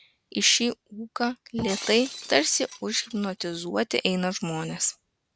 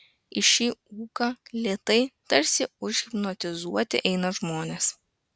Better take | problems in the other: second | background sound (Shatter); 14 dB below the speech

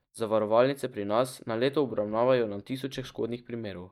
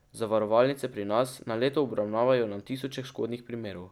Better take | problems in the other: second | noise reduction (neural mask model DeepFilterNet 3)

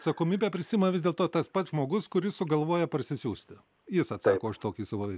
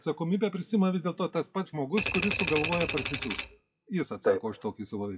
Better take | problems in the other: first | noise reduction (classical method WPE with log-MMSE)

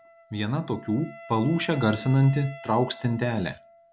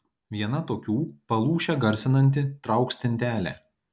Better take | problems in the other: second | background sound (Wind instrument, woodwind instrument); 19 dB below the speech

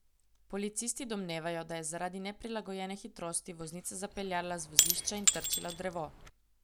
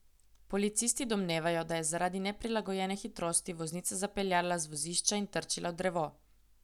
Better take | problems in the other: second | background sound (Shatter / Crushing); 5 dB above the speech

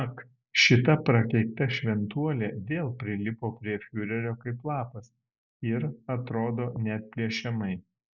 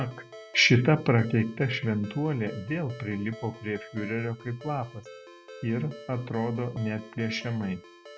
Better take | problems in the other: first | background sound (Ringtone); 18 dB below the speech

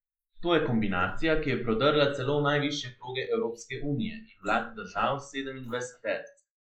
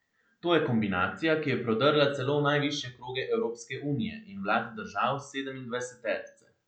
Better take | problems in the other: second | noise reduction (neural mask model Resemble Enhance denoiser)

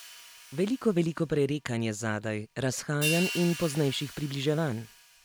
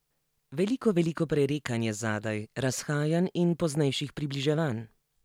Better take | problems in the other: second | background sound (Hi-hat); 11 dB below the speech

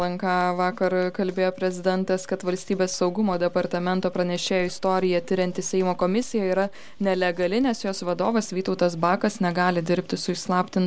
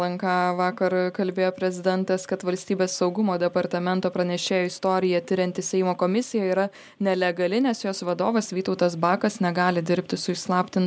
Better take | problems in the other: second | background sound (Zipper (clothing)); 18 dB below the speech

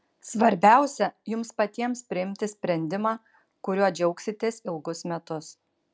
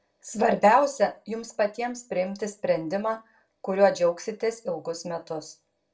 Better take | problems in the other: first | room echo; dies away in 0.2 s

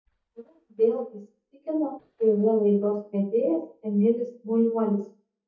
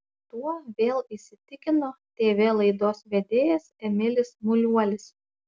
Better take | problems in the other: second | noise reduction (neural mask model DeepFilterNet 3)

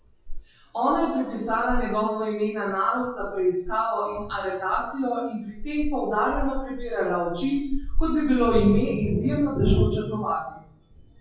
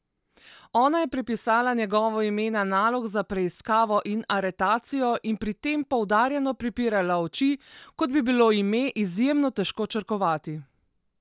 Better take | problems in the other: second | noise reduction (classical method WPE with log-MMSE)

